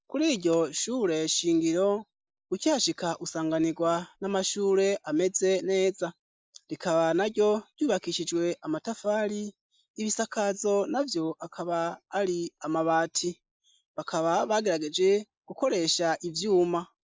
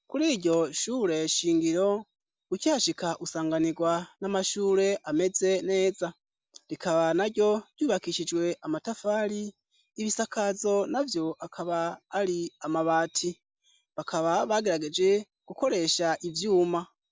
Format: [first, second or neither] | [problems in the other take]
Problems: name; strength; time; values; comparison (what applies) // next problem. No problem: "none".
second | noise reduction (neural mask model Resemble Enhance denoiser)